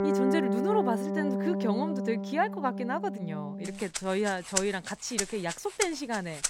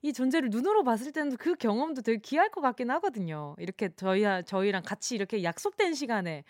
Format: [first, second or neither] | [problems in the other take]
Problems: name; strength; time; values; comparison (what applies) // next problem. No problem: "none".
second | background music; loud; throughout; 1 dB below the speech